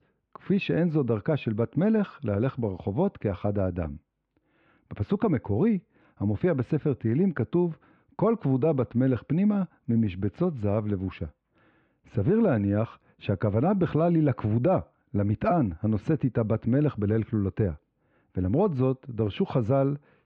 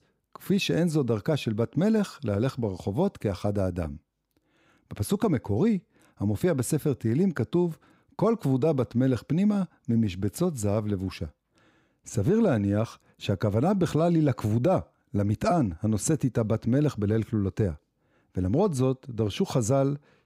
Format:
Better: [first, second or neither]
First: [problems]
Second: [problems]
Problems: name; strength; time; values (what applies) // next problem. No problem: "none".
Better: second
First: muffled; very; fading above 3 kHz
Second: none